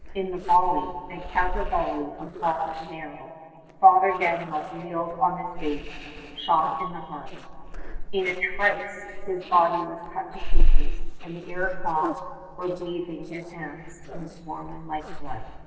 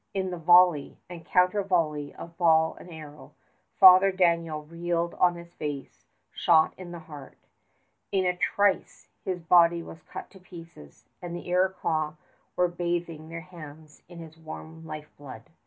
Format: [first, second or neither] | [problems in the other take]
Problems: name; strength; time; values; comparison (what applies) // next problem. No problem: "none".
second | noise reduction (neural separator model SepFormer DNS4)